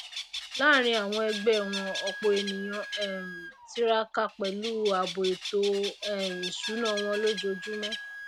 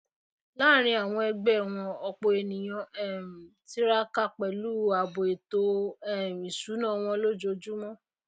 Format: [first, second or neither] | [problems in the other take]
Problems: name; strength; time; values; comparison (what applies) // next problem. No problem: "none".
second | background sound (Bird + Wind instrument, woodwind instrument); 8 dB below the speech